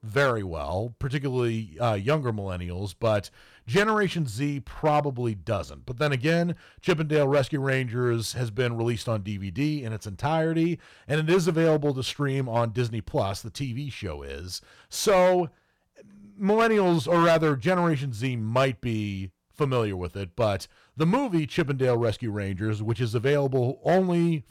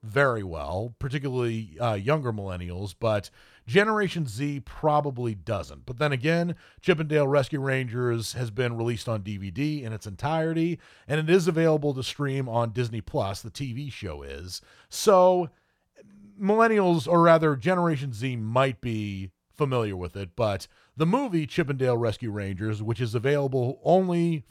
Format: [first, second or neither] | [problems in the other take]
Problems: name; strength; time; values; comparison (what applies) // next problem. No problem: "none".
second | distortion; slight; 4% of the sound clipped